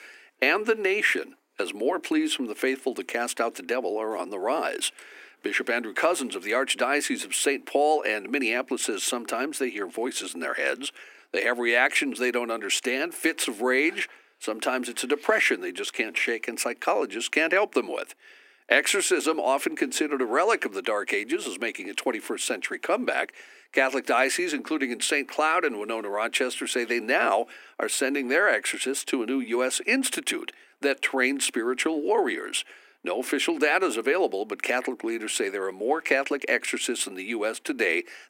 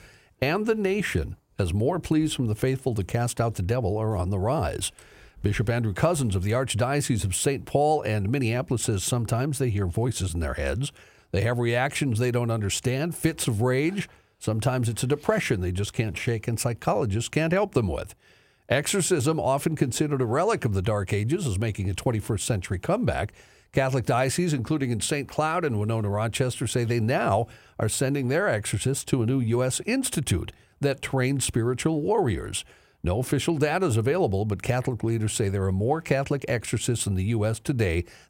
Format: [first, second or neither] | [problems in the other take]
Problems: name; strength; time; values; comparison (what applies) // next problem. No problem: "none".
second | thin; somewhat; fading below 250 Hz